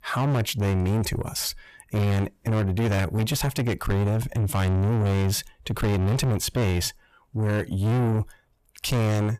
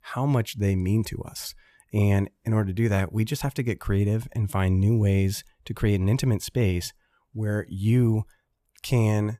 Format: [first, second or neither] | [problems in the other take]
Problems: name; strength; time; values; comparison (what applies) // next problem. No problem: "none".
second | distortion; heavy; 6 dB below the speech